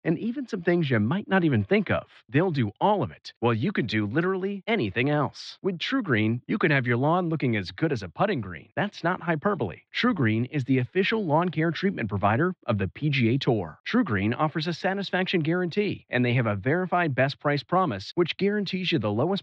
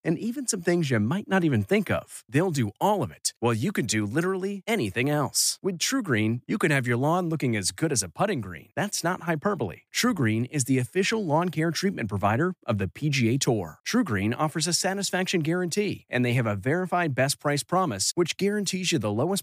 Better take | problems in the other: second | muffled; slightly; fading above 4 kHz

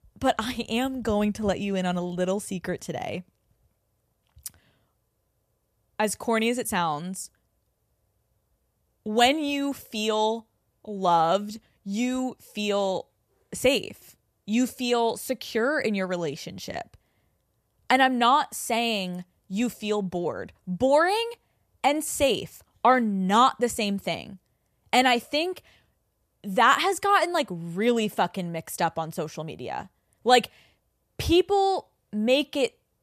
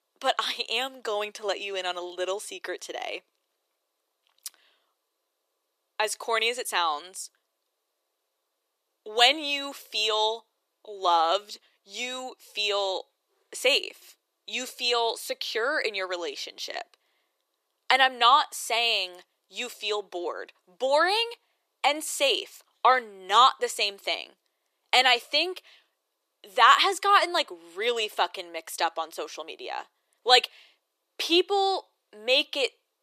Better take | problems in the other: first | thin; very; fading below 350 Hz

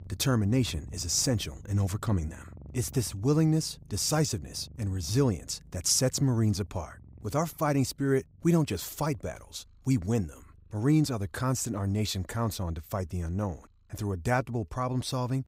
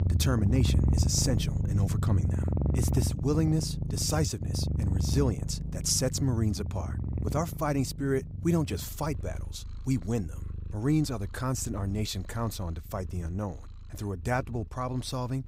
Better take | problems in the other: first | animal sounds; loud; throughout; 1 dB below the speech; faint in the first

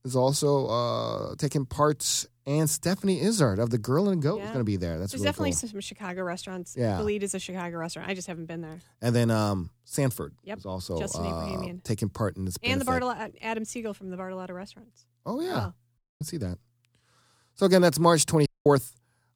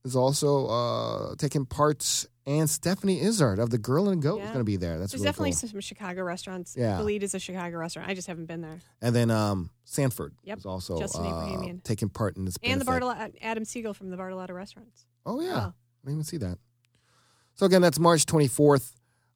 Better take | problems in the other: second | audio cutting out; at 16 s and at 18 s

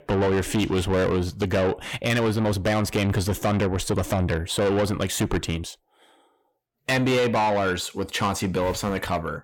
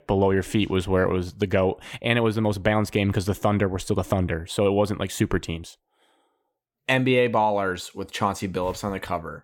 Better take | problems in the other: second | distortion; heavy; 7 dB below the speech

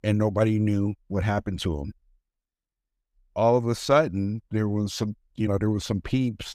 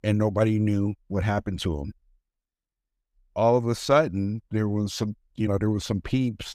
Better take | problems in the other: neither | none

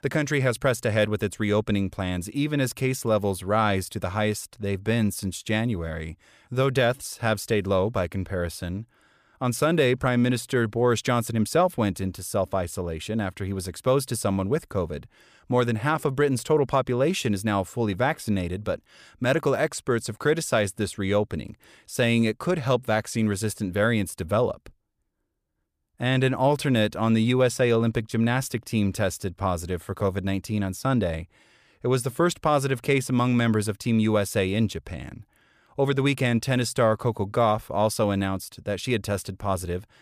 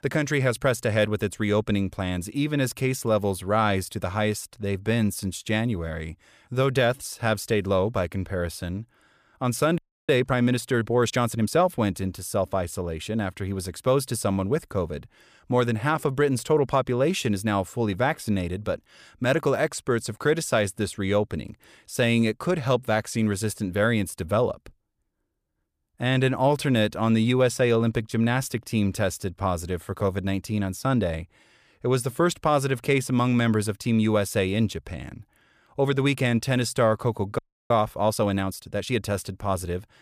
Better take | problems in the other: first | audio freezing; at 10 s and at 37 s

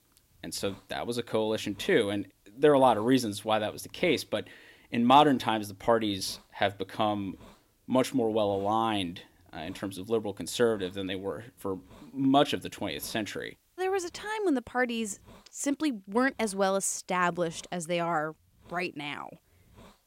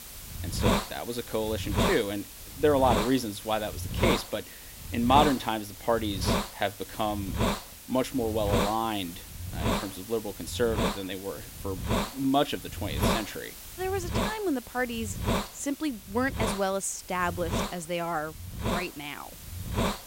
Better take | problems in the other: first | hiss; loud; throughout; 2 dB below the speech; faint in the first

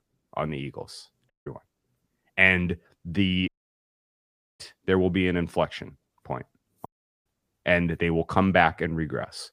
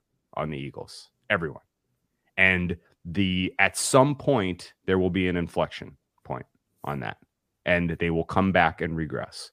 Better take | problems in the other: second | audio cutting out; at 1.5 s, at 3.5 s for 1 s and at 7 s

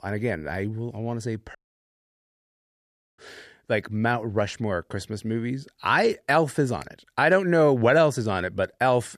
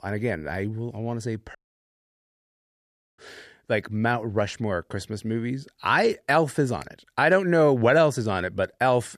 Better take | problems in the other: neither | audio cutting out; at 1.5 s for 1.5 s; the same in both

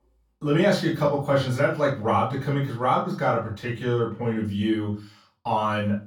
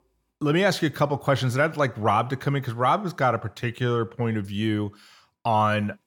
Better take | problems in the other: second | off-mic speech; far // room echo; slight; dies away in 0.3 s

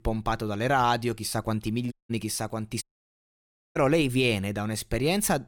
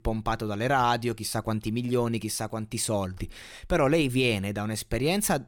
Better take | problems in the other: second | audio cutting out; at 2 s and at 3 s for 1 s

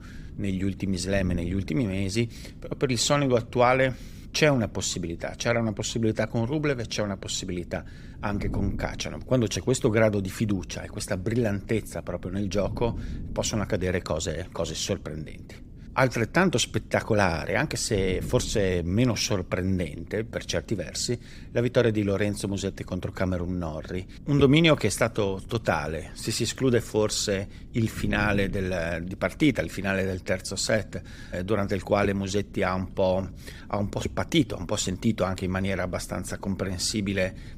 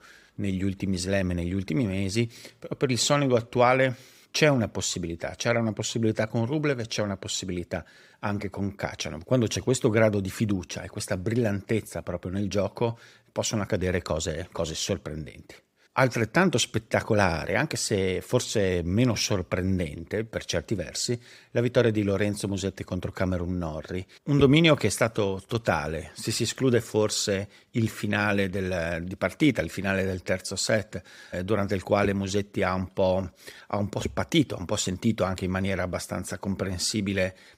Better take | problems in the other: second | wind noise on the microphone; occasional gusts; 25 dB below the speech

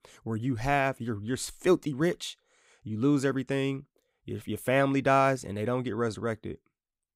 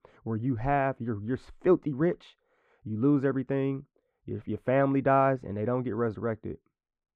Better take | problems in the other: first | muffled; very; fading above 4 kHz

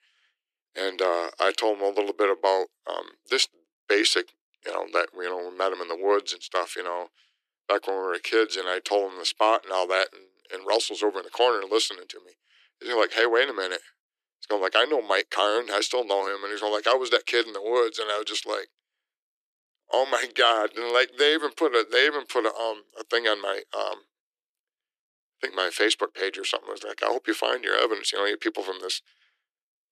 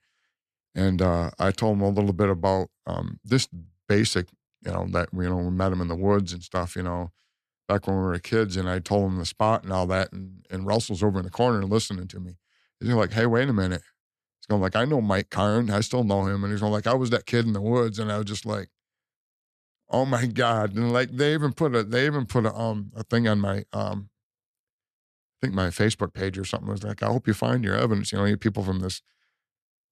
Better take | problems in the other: second | thin; very; fading below 300 Hz

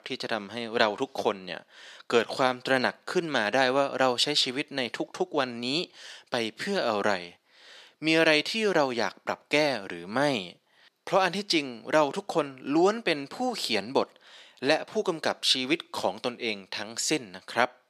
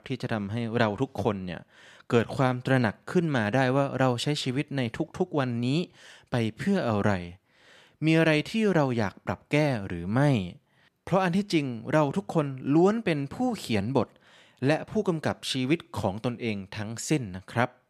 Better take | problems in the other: second | thin; somewhat; fading below 400 Hz

